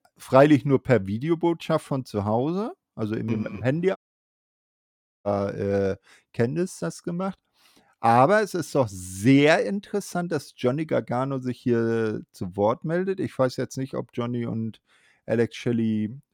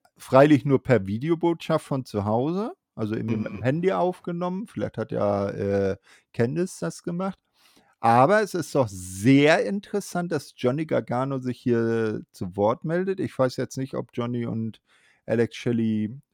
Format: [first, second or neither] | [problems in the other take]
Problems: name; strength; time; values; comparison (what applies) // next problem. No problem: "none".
second | audio cutting out; at 4 s for 1.5 s